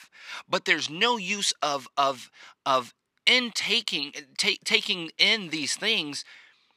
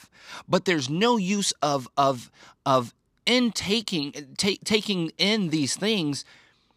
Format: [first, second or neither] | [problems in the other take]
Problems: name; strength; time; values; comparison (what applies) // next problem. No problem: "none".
second | thin; somewhat; fading below 1 kHz